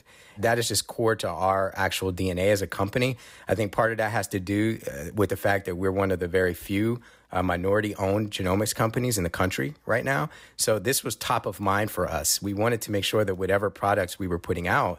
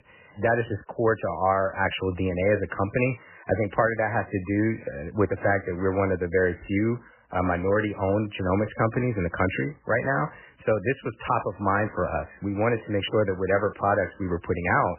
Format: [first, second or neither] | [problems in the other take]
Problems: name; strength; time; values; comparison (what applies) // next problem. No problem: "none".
first | garbled, watery; badly; nothing above 3 kHz